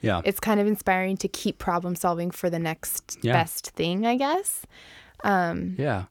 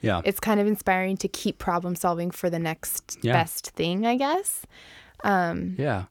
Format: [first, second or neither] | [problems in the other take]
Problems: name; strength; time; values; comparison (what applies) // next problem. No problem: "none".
neither | none